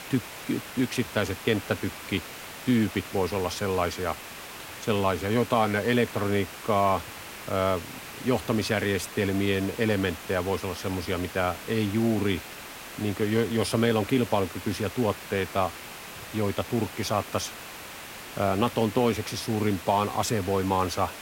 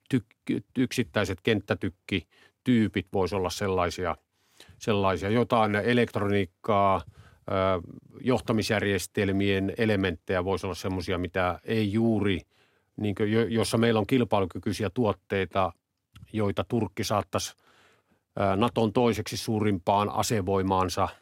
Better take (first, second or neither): second